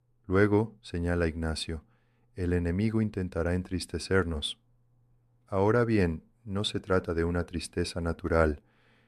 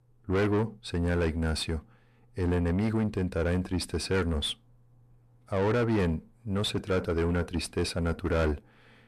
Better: first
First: none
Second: distortion; heavy; 7 dB below the speech

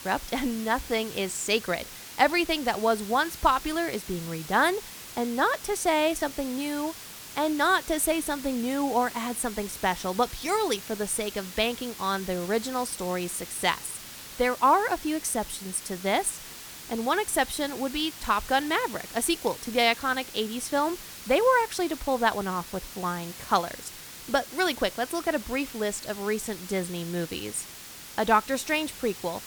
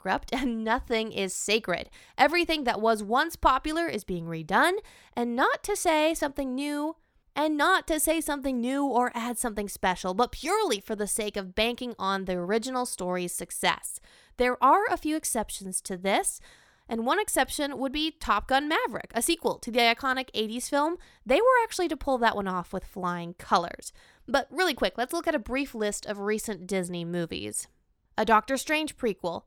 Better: second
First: hiss; noticeable; throughout; 15 dB below the speech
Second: none

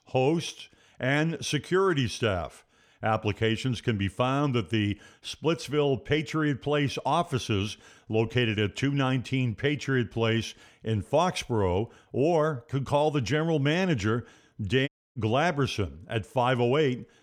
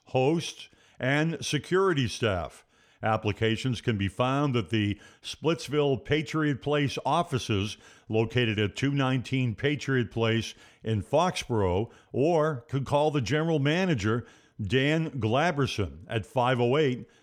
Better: second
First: audio cutting out; at 15 s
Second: none

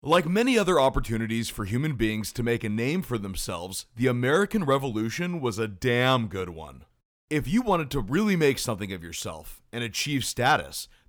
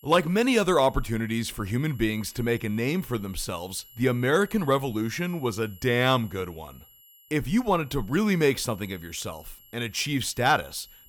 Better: first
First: none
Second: high-pitched whine; faint; throughout; 11.5 kHz, 25 dB below the speech

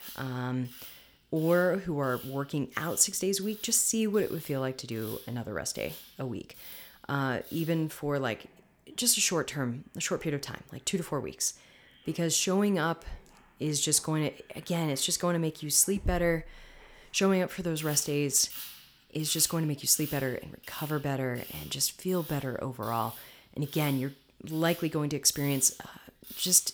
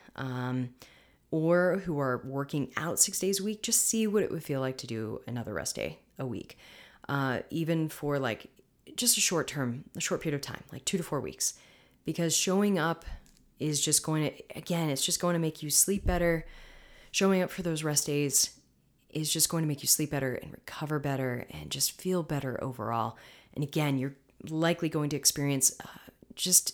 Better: second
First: machinery noise; noticeable; throughout; 15 dB below the speech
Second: none

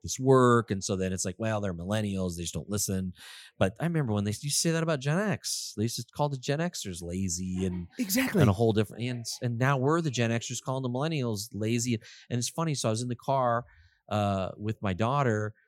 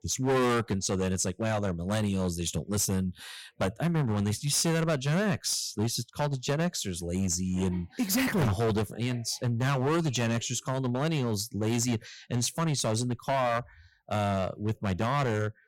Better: first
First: none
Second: distortion; heavy; 12% of the sound clipped

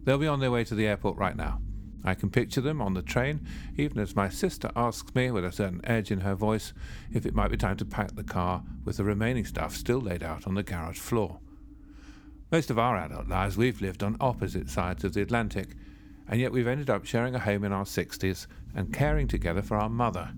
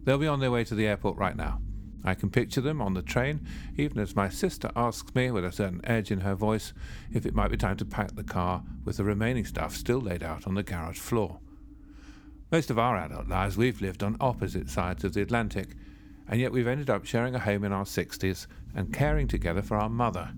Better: neither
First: low rumble; faint; throughout; 25 dB below the speech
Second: low rumble; faint; throughout; 25 dB below the speech

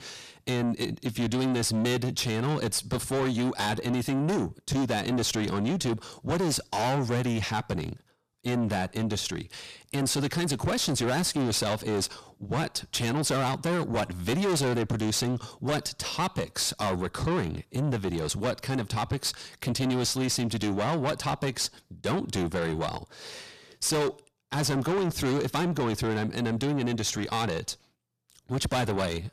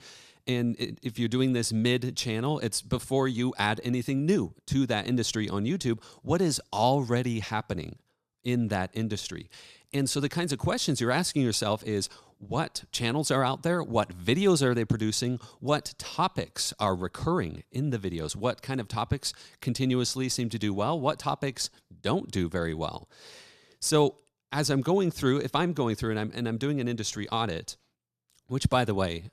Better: second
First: distortion; heavy; 6 dB below the speech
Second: none

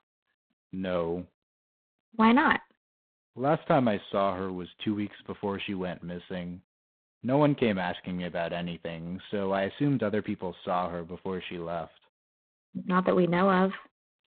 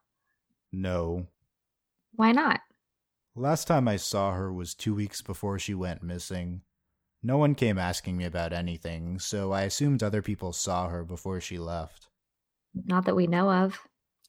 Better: second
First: phone-call audio; poor line; nothing above 4 kHz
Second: none

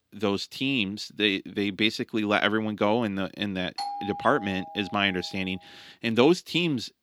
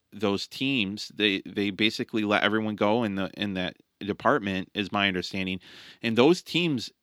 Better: second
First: doorbell; noticeable; from 4 to 5.5 s; peak 7 dB below the speech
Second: none

